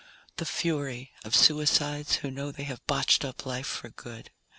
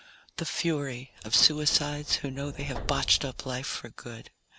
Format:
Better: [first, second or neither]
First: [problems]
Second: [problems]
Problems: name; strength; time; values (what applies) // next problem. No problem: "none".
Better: first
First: none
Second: background sound (Subway, metro, underground); 12 dB below the speech